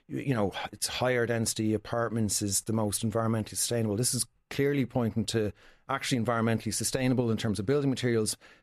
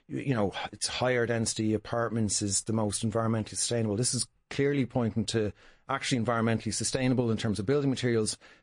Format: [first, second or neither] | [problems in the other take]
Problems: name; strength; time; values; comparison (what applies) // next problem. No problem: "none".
first | garbled, watery; slightly